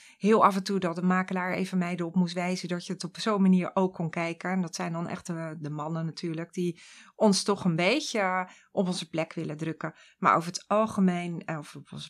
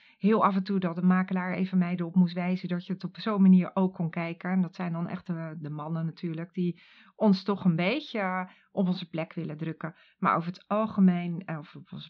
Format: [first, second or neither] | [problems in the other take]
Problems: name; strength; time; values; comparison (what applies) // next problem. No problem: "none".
first | muffled; slightly; fading above 4 kHz